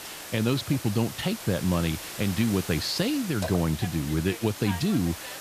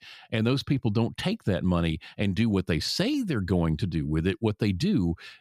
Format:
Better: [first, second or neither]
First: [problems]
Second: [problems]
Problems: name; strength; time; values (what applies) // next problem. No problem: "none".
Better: second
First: hiss; loud; throughout; 9 dB below the speech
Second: none